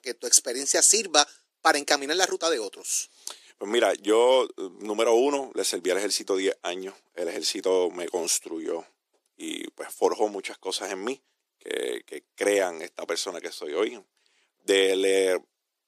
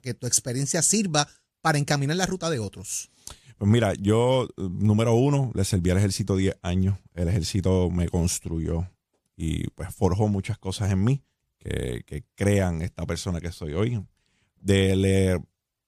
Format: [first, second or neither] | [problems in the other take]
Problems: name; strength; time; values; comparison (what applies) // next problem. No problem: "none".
second | thin; very; fading below 300 Hz